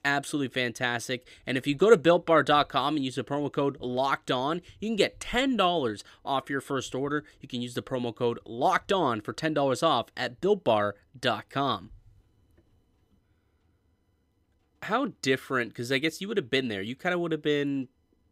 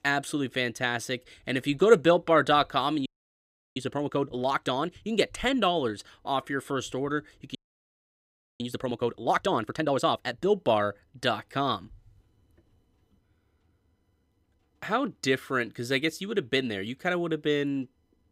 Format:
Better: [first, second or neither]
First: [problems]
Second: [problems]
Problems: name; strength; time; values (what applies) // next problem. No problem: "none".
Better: first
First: none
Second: audio freezing; at 3 s for 0.5 s and at 7.5 s for 1 s